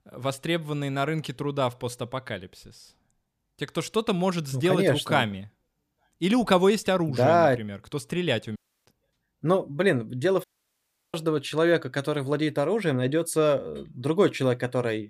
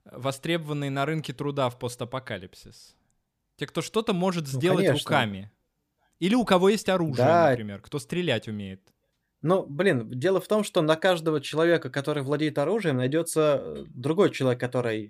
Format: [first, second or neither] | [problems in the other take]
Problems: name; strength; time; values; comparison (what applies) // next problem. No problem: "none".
second | audio cutting out; at 8.5 s and at 10 s for 0.5 s